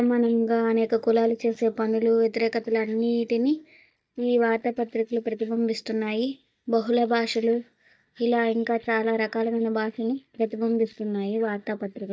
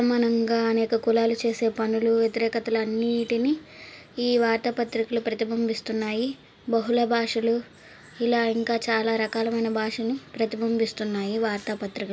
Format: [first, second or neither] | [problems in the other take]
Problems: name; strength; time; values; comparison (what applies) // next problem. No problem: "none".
second | noise reduction (neural mask model DeepFilterNet 3)